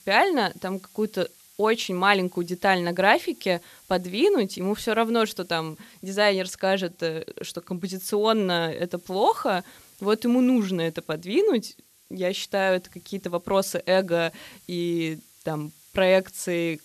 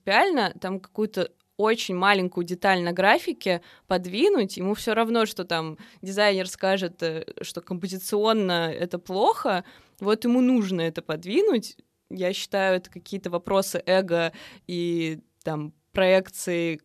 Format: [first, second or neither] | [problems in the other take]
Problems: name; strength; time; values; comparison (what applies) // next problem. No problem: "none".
second | hiss; faint; throughout; 25 dB below the speech